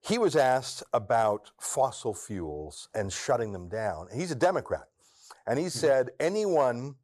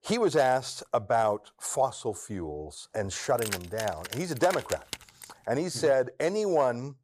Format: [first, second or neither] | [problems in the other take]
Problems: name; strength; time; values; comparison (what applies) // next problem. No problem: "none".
first | jangling keys; noticeable; from 3 to 5.5 s; peak 6 dB below the speech